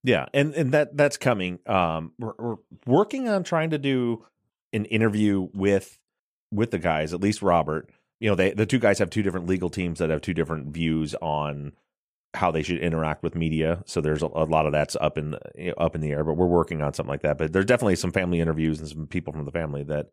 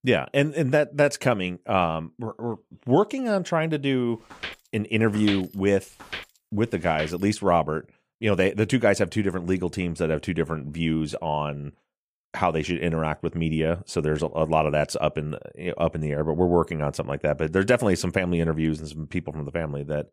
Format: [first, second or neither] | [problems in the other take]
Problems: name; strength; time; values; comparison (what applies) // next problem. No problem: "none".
first | footsteps; noticeable; from 4.5 to 7 s; peak 7 dB below the speech